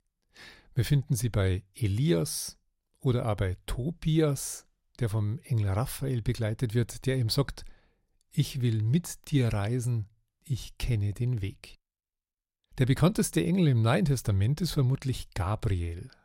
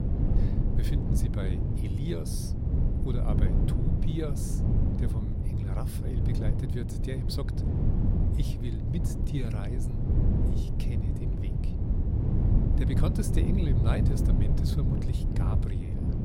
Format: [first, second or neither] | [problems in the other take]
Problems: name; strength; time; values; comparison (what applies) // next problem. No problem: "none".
first | wind noise on the microphone; heavy; 1 dB above the speech